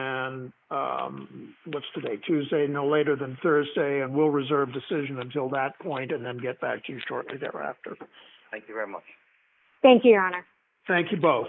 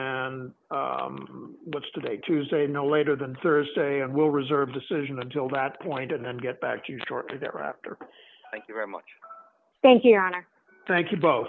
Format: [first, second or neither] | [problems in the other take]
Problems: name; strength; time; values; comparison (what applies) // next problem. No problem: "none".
second | noise reduction (neural mask model Resemble Enhance denoiser)